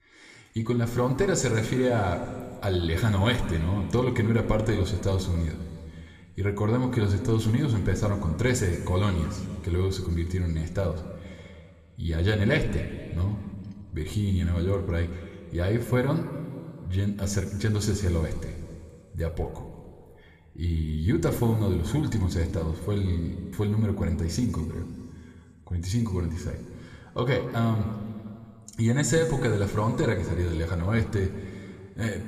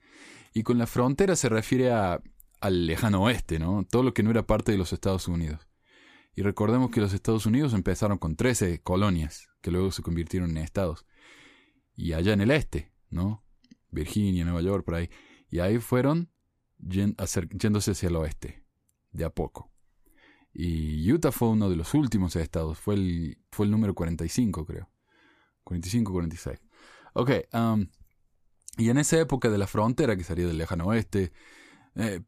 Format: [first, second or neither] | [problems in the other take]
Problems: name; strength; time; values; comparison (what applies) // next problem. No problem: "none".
second | room echo; slight; dies away in 2.5 s